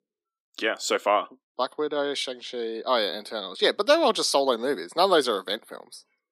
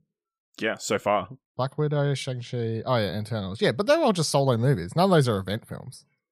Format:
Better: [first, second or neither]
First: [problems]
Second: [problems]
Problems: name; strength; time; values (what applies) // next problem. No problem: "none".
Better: second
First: thin; somewhat; fading below 250 Hz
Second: none